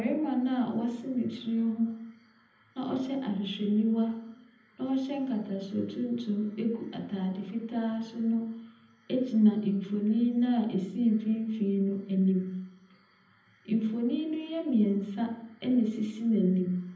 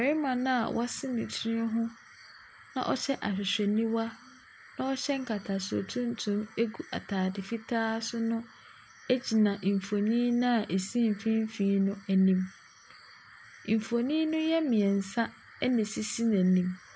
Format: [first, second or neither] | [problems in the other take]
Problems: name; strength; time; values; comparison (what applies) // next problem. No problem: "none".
second | room echo; dies away in 0.8 s